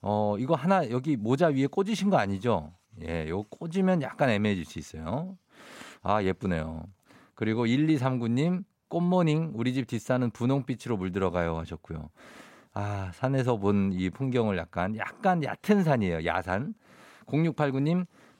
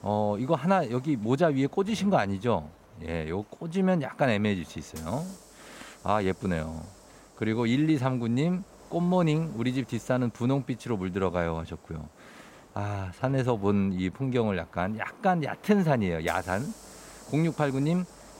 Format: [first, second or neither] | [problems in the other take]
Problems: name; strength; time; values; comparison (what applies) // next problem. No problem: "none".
first | hiss; faint; throughout; 25 dB below the speech